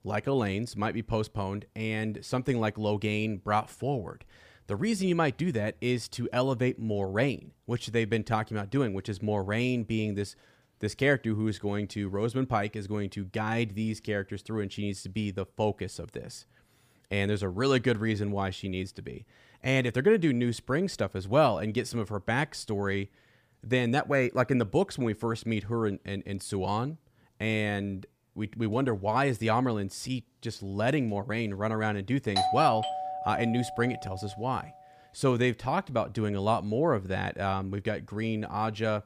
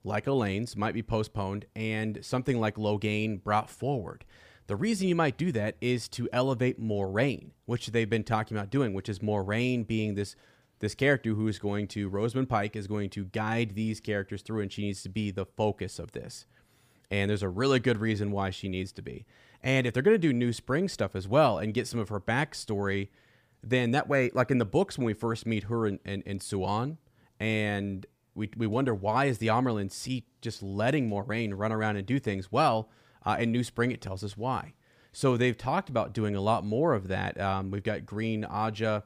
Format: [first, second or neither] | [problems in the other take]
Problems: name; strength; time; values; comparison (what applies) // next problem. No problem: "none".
second | doorbell; loud; from 32 to 34 s; peak 2 dB above the speech